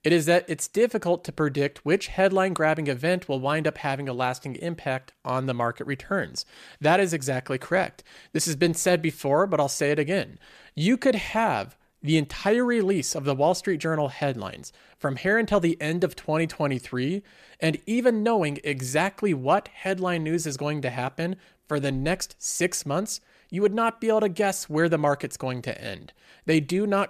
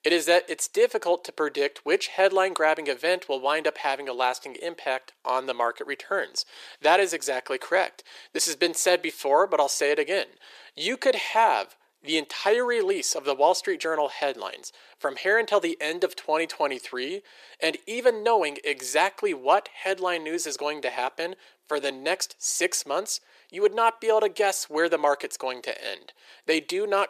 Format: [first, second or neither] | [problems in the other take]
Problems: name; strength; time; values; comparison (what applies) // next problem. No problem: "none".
first | thin; very; fading below 400 Hz